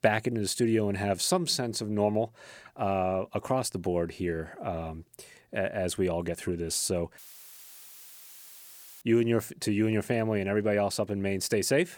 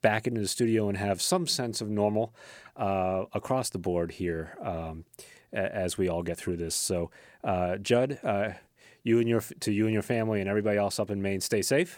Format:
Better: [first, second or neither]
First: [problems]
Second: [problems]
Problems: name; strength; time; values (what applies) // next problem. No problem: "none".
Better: second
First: audio cutting out; filled with static; at 7 s for 2 s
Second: none